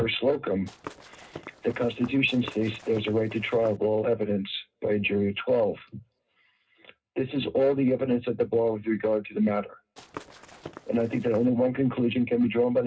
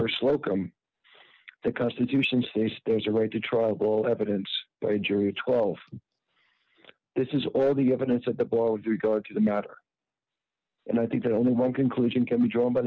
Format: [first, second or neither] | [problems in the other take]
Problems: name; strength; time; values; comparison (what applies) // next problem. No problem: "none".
second | background sound (Walk, footsteps / Run); 18 dB below the speech // room echo; dies away in 0.2 s